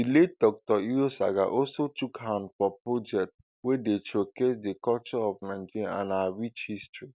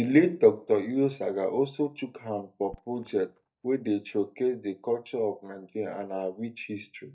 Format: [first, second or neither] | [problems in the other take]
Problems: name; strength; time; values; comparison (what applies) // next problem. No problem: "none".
first | noise reduction (neural mask model DeepFilterNet 3)